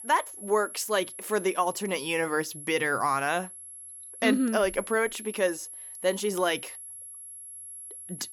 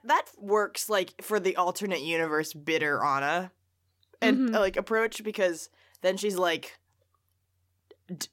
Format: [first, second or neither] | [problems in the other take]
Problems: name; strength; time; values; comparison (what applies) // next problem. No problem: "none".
second | high-pitched whine; noticeable; throughout; 11 kHz, 10 dB below the speech